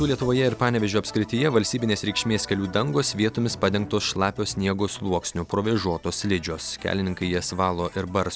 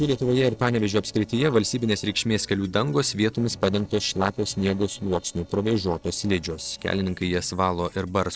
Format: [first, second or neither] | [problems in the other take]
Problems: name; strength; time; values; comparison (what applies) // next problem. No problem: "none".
first | noise reduction (neural separator model SepFormer DNS4)